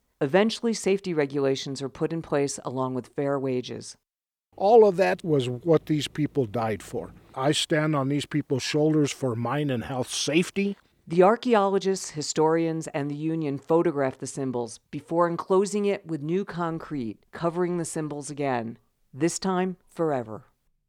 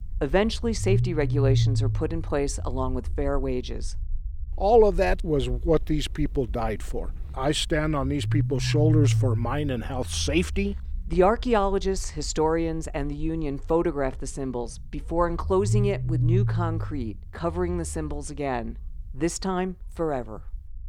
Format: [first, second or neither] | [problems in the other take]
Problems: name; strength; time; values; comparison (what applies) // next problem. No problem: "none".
first | low rumble; noticeable; throughout; 15 dB below the speech